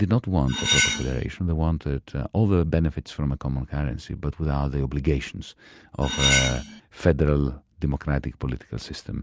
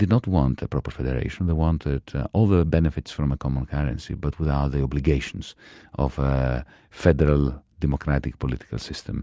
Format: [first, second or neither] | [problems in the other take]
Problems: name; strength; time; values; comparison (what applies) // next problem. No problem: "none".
second | background sound (Cutlery, silverware); as loud as the speech